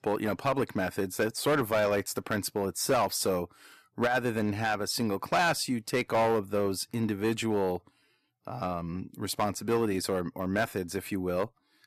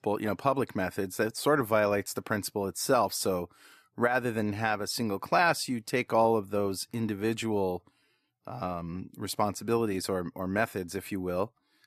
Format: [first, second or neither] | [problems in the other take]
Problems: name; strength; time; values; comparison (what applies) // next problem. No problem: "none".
second | distortion; slight; 4% of the sound clipped